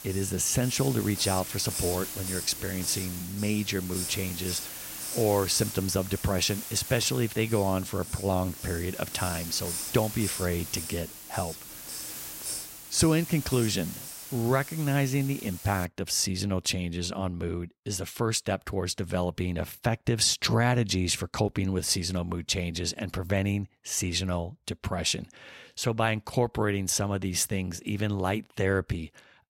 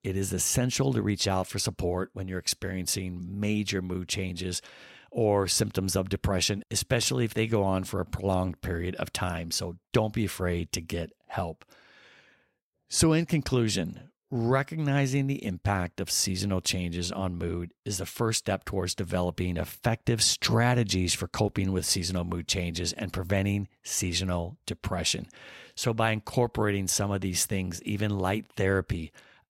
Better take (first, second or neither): second